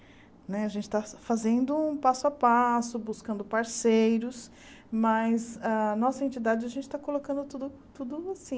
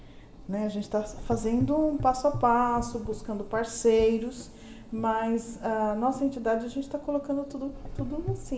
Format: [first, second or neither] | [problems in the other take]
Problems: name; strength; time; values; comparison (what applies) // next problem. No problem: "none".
first | background sound (Gurgling / Engine); 12 dB below the speech // room echo; dies away in 2 s